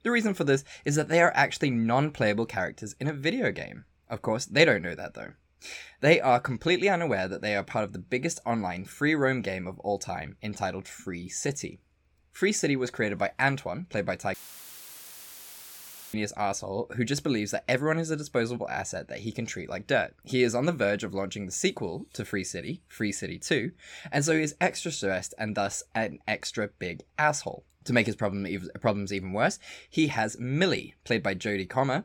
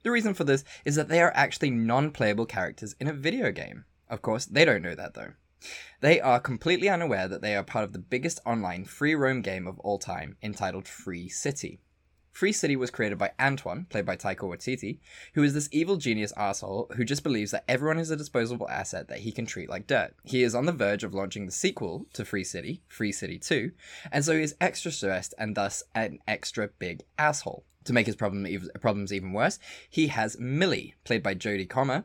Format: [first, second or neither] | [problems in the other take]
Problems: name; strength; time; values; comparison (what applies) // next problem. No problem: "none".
second | audio cutting out; filled with static; at 14 s for 2 s